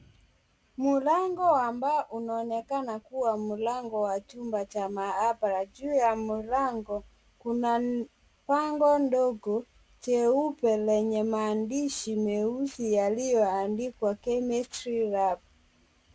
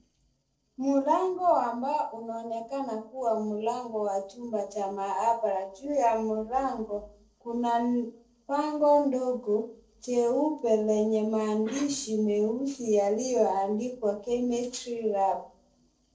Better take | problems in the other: first | noise reduction (neural separator model SepFormer DNS4)

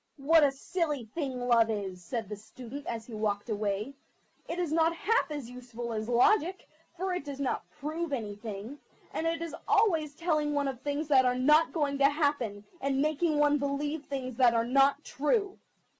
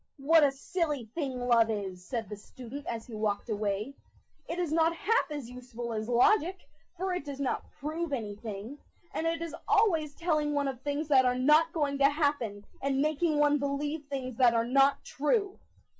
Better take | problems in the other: first | noise reduction (classical method log-MMSE)

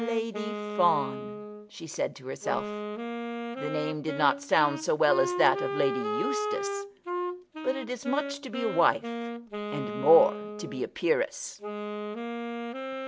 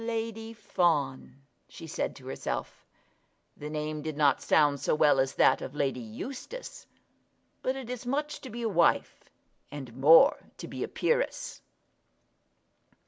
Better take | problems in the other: second | background sound (Wind instrument, woodwind instrument); 5 dB below the speech

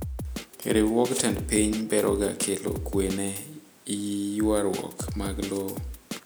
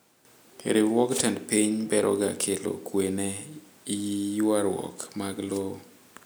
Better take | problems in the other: second | background sound (Drum kit); 9 dB below the speech

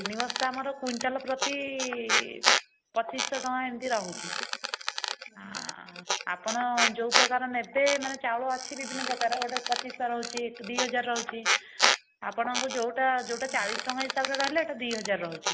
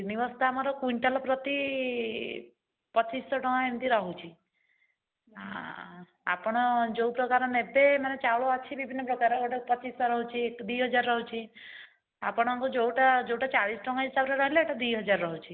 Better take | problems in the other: second | background sound (Squeak); 1 dB below the speech

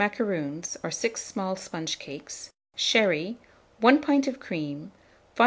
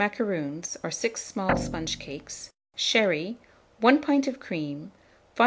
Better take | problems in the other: first | background sound (Guitar); 4 dB below the speech

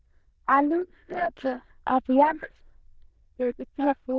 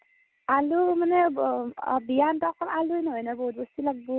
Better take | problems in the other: second | noise reduction (neural diffusion model UNIVERSE++)

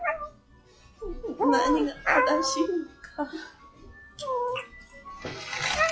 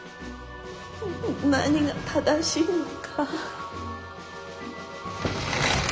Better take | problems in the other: second | noise reduction (classical method log-MMSE)

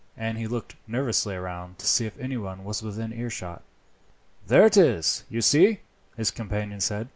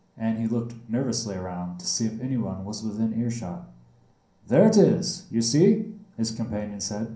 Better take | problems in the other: first | room echo; dies away in 0.6 s

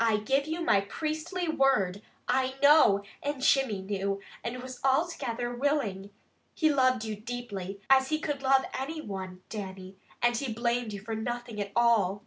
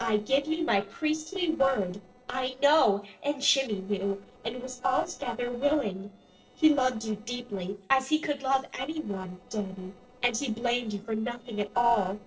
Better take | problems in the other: first | noise reduction (neural separator model SepFormer DNS4)

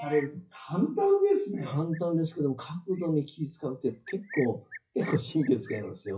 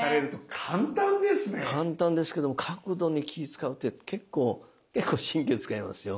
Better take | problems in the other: second | noise reduction (classical method WPE with log-MMSE)

